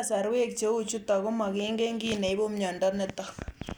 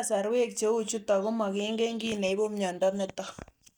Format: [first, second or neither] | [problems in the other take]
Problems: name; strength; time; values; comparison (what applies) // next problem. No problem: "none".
first | noise reduction (neural mask model DeepFilterNet 3)